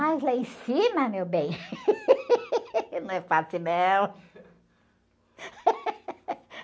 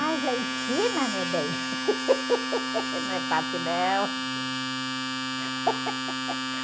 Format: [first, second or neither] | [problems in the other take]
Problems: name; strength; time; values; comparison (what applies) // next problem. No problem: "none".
first | background sound (Domestic sounds, home sounds); as loud as the speech